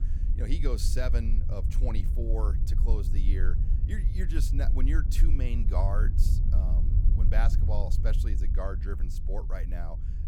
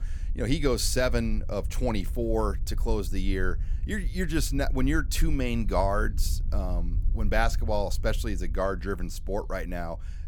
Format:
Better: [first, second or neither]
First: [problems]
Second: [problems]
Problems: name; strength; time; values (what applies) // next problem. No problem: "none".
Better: second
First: low rumble; loud; throughout; 7 dB below the speech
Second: low rumble; faint; throughout; 20 dB below the speech